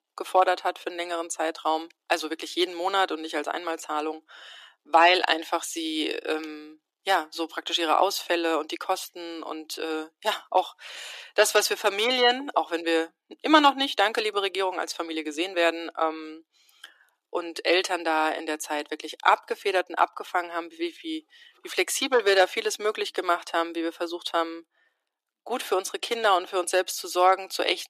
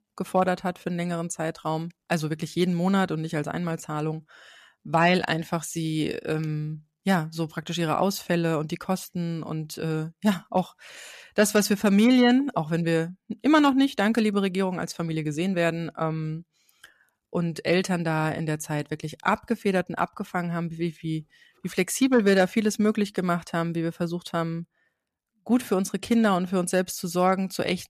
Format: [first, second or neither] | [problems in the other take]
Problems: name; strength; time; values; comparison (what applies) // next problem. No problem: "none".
second | thin; very; fading below 300 Hz